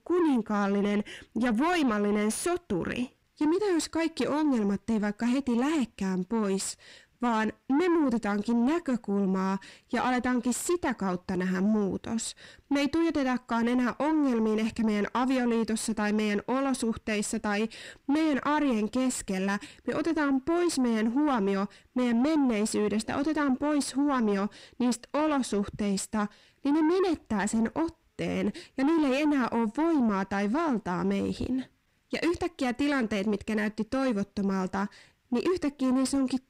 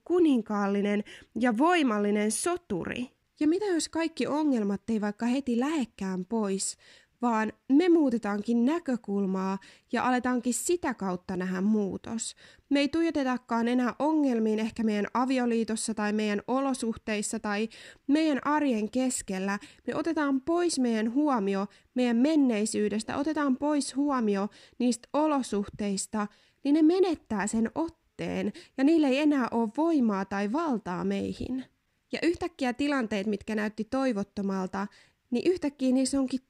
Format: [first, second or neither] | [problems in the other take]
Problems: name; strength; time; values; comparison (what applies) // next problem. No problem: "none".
second | distortion; slight; 10 dB below the speech